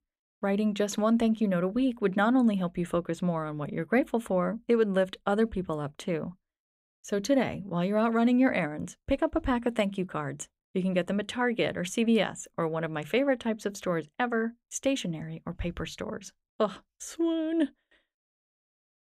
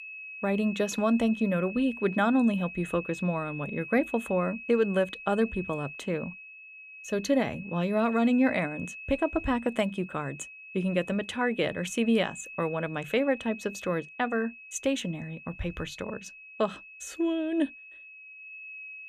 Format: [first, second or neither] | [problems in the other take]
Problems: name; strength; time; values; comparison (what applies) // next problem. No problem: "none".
first | high-pitched whine; noticeable; throughout; 2.5 kHz, 15 dB below the speech